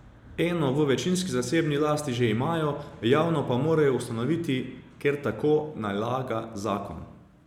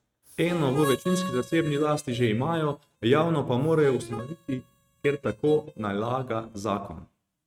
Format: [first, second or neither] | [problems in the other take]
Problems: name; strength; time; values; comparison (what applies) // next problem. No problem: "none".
first | noise reduction (neural mask model RNNoise)